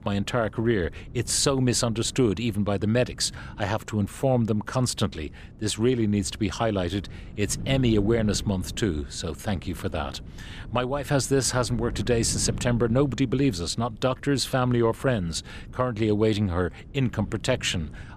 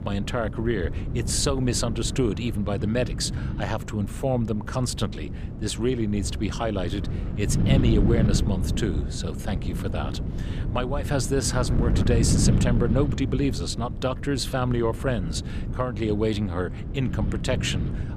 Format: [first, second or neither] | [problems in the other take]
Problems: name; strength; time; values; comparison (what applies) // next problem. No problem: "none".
first | wind noise on the microphone; heavy; 9 dB below the speech; occasional gusts in the first